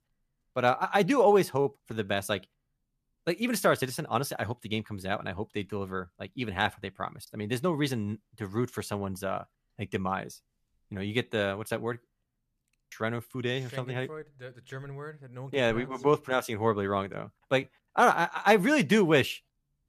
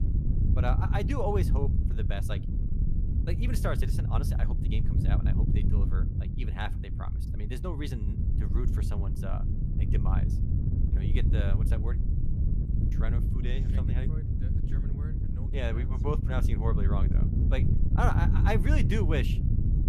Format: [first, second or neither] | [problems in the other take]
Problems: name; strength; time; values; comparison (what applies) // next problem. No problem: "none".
first | wind noise on the microphone; heavy; 5 dB below the speech